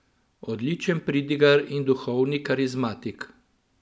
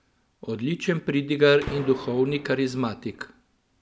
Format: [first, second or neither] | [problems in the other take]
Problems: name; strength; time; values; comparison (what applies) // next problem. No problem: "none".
first | background sound (Gunshot, gunfire); 15 dB below the speech